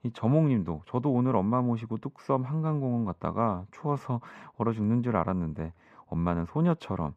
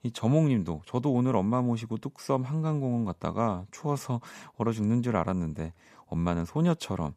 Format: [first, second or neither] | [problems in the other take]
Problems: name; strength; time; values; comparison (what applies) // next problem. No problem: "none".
second | muffled; very; fading above 4 kHz